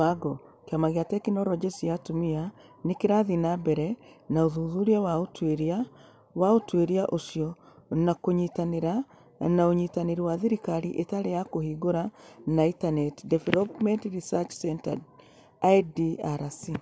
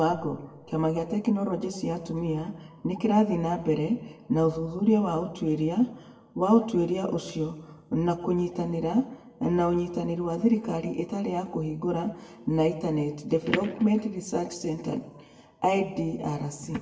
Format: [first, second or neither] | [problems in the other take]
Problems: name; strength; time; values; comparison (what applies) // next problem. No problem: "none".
first | room echo; dies away in 0.7 s